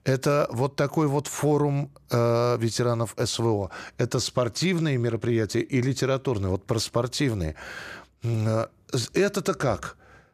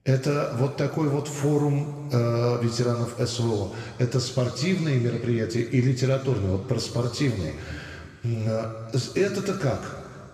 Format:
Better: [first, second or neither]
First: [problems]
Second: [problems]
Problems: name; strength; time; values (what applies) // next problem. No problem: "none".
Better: first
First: none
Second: room echo; noticeable; dies away in 2.3 s // off-mic speech; somewhat distant